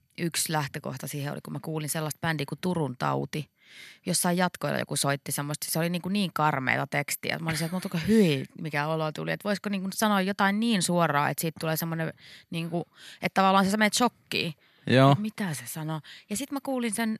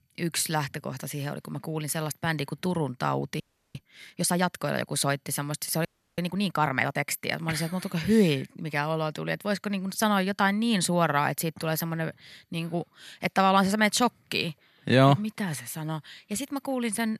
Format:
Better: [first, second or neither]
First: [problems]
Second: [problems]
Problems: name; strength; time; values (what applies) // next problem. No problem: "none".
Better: first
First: none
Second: audio freezing; at 3.5 s and at 6 s